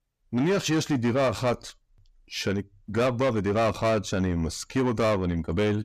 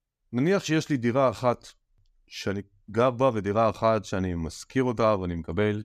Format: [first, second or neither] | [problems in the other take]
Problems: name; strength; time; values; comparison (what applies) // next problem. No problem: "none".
second | distortion; heavy; 8 dB below the speech